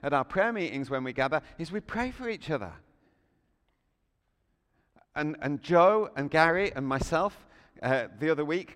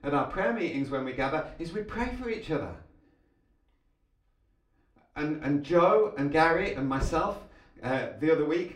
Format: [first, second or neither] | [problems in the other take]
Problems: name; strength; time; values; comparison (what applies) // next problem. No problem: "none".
first | off-mic speech; far // room echo; very slight; dies away in 0.3 s